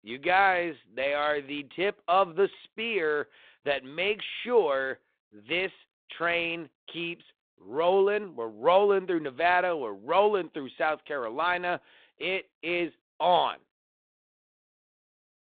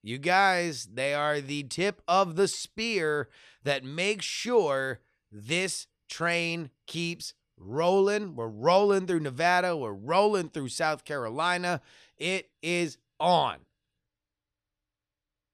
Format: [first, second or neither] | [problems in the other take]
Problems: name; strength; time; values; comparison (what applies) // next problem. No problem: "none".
second | phone-call audio; nothing above 3.5 kHz